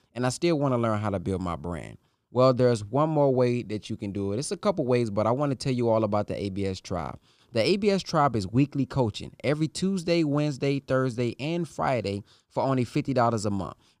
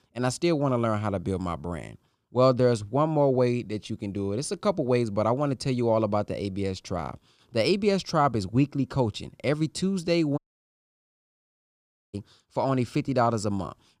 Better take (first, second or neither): first